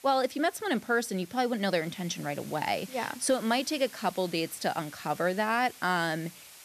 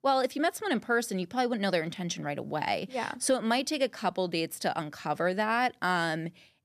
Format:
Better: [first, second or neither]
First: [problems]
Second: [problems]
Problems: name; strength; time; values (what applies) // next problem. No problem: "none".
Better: second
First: hiss; noticeable; throughout; 20 dB below the speech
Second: none